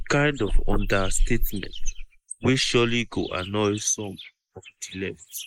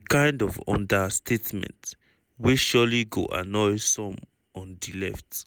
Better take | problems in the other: second | noise reduction (neural mask model Resemble Enhance denoiser)

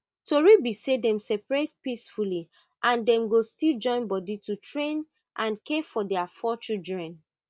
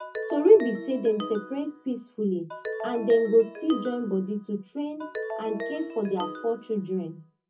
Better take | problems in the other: first | background sound (Ringtone); 11 dB below the speech // room echo; dies away in 0.3 s

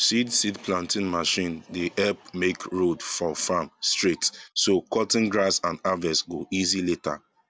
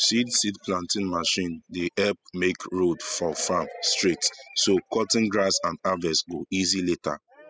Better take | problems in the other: first | noise reduction (classical method spectral subtraction)

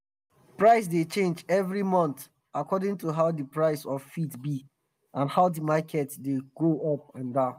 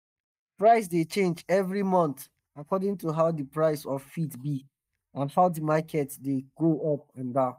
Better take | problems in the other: first | noise reduction (neural mask model DeepFilterNet 3)

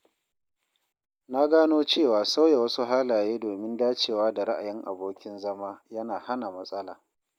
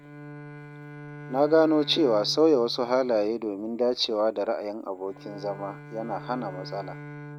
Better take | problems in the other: first | background sound (Bowed string instrument); 16 dB below the speech

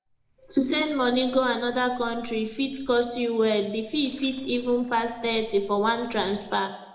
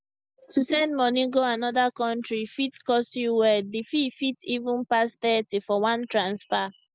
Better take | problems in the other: second | noise reduction (neural separator model SepFormer DNS4)

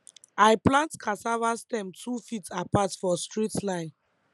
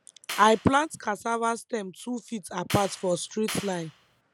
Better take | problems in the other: first | background sound (Clapping); 13 dB below the speech

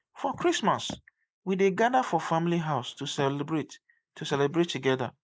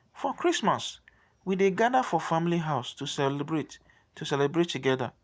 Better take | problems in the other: second | noise reduction (neural mask model Resemble Enhance denoiser)

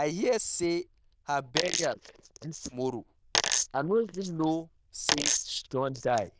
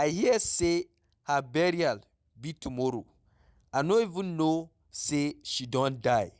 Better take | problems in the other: second | noise reduction (neural diffusion model UNIVERSE++)

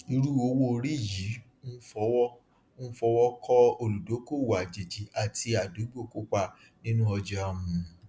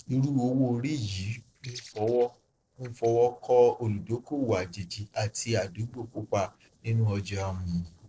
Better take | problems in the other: first | noise reduction (neural separator model SepFormer DNS4)

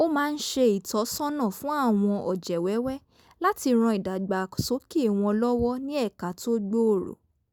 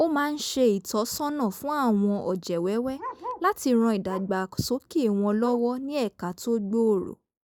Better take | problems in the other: first | noise reduction (neural mask model Resemble Enhance denoiser)

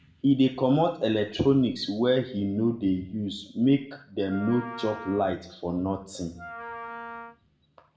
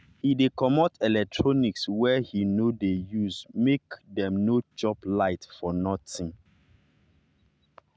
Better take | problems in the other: second | background sound (Wind instrument, woodwind instrument); 14 dB below the speech // room echo; dies away in 0.5 s

